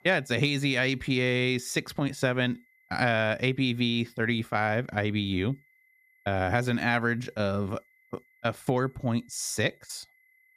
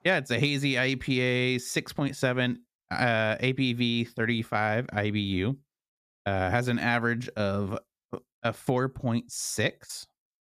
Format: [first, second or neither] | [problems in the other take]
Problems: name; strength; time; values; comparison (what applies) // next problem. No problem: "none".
second | high-pitched whine; faint; throughout; 2 kHz, 35 dB below the speech